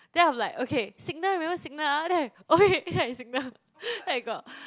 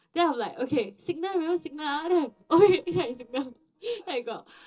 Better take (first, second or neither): first